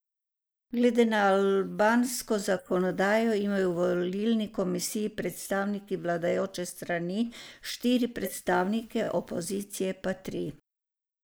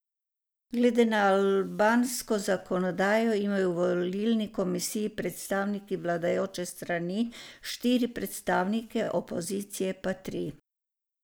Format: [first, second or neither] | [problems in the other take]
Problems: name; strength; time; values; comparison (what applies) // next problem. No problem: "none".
second | noise reduction (neural mask model Resemble Enhance denoiser)